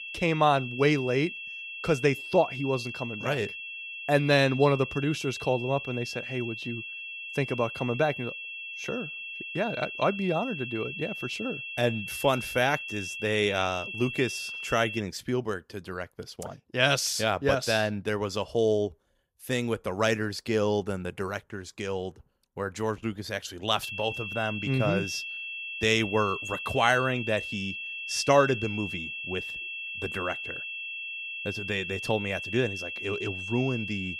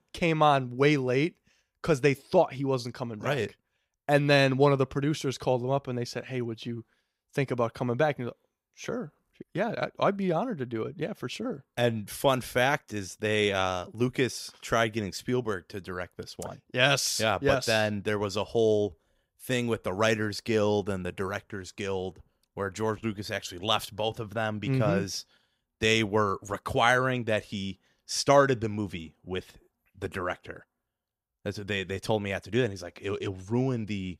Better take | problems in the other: second | high-pitched whine; loud; until 15 s and from 24 s on; 2.5 kHz, 7 dB below the speech

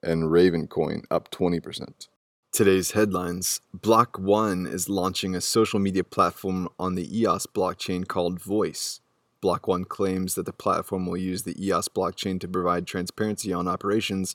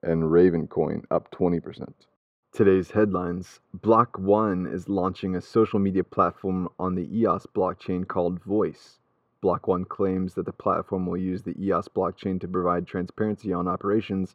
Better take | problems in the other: first | muffled; very; fading above 3.5 kHz

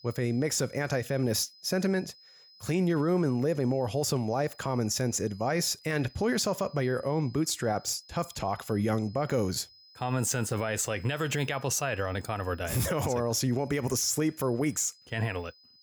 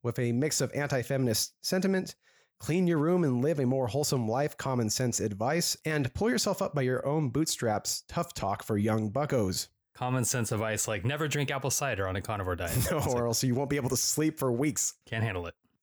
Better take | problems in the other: second | high-pitched whine; faint; throughout; 5 kHz, 25 dB below the speech

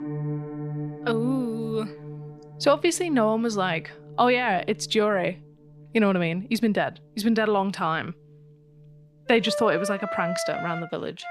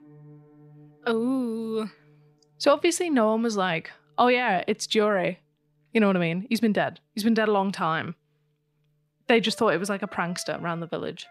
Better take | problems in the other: second | background music; loud; throughout; 10 dB below the speech; faint in the second

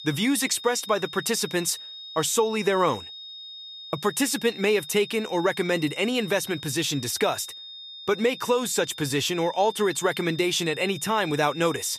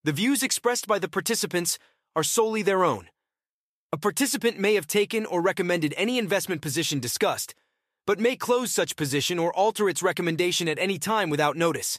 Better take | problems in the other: second | high-pitched whine; noticeable; throughout; 3.5 kHz, 15 dB below the speech

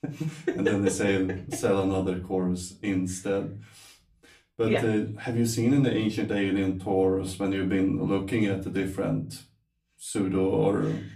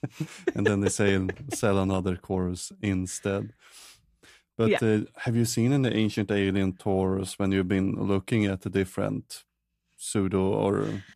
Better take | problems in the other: second | off-mic speech; far // room echo; very slight; dies away in 0.3 s

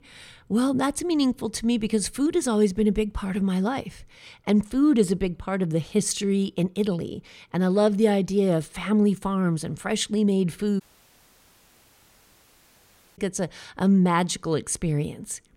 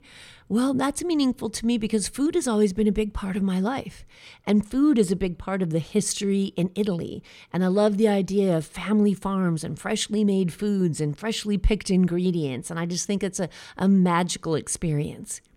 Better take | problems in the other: second | audio cutting out; at 11 s for 2.5 s

